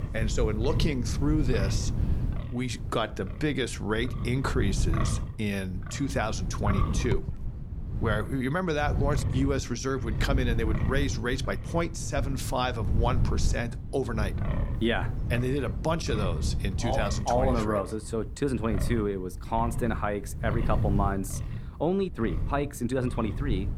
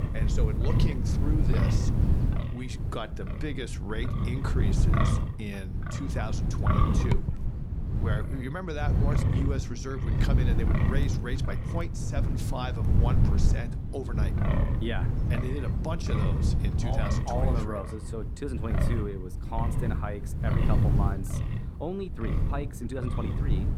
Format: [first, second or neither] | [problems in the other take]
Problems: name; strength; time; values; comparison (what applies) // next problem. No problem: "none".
first | wind noise on the microphone; heavy; as loud as the speech; occasional gusts in the first